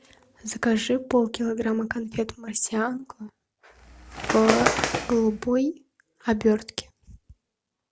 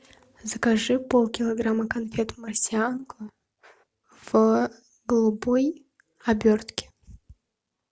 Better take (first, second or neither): second